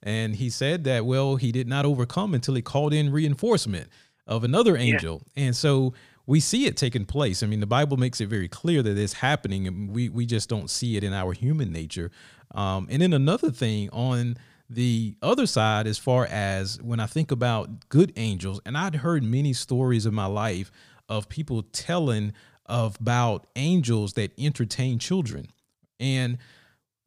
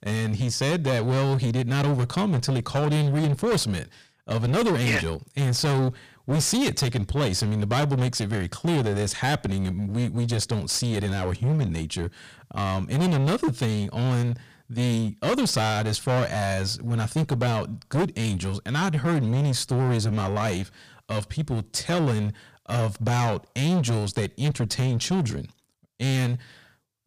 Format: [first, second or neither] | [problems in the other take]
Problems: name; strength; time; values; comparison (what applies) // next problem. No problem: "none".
first | distortion; heavy; 20% of the sound clipped